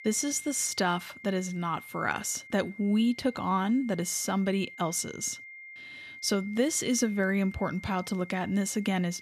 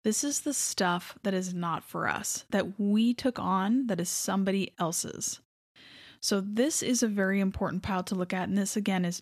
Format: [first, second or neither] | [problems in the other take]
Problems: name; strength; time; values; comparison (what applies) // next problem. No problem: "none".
second | high-pitched whine; noticeable; throughout; 2 kHz, 15 dB below the speech